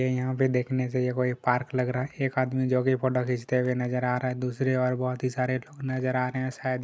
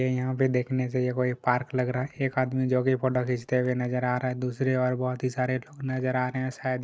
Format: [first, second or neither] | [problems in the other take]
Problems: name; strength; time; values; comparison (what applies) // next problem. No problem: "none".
first | noise reduction (neural separator model SepFormer DNS4)